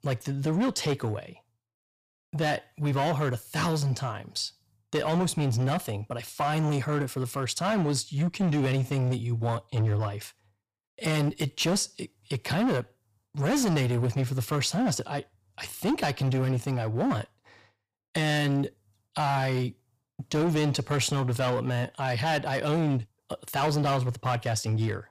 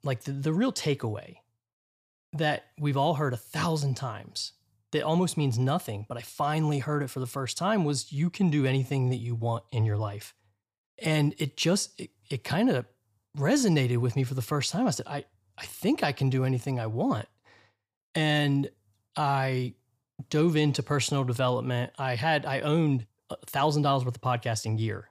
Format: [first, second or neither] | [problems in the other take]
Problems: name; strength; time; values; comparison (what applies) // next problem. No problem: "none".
second | distortion; slight; 13% of the sound clipped